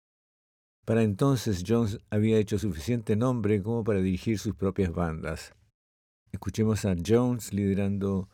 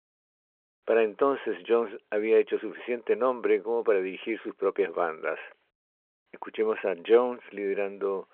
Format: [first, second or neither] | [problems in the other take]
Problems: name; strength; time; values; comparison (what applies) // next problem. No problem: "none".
first | phone-call audio